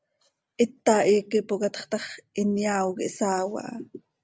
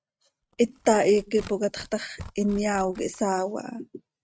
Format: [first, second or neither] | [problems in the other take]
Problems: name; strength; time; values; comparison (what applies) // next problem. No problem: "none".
first | noise reduction (neural mask model RNNoise)